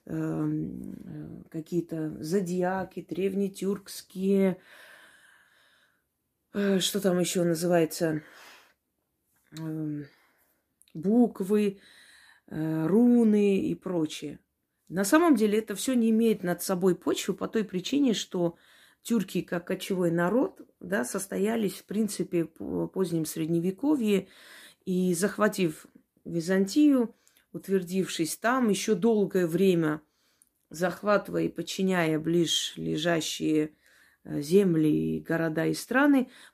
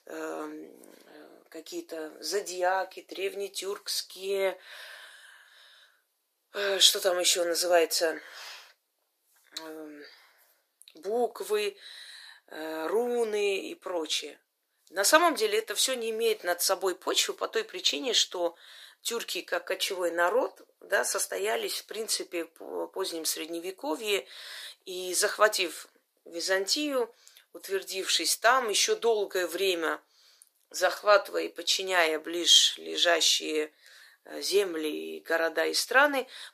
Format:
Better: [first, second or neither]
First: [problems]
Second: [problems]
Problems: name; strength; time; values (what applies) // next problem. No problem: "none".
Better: first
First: none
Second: thin; very; fading below 500 Hz